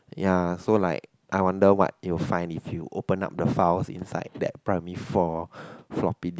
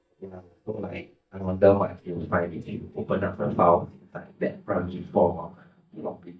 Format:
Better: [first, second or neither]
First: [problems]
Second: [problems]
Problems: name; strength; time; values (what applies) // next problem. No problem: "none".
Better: first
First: none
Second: noise reduction (neural mask model DeepFilterNet 3)